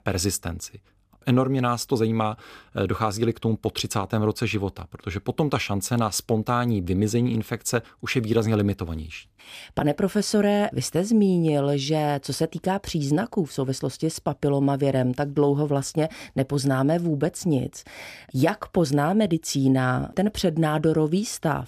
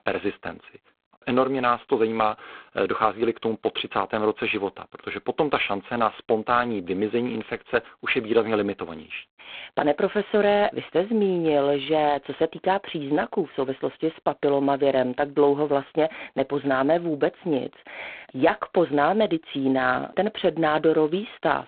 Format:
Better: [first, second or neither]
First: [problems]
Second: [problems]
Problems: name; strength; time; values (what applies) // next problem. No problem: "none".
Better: first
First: none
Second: phone-call audio; poor line; nothing above 3.5 kHz